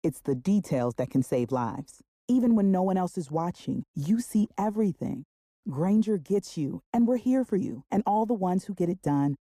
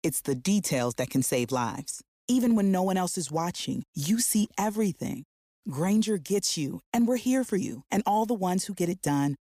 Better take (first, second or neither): second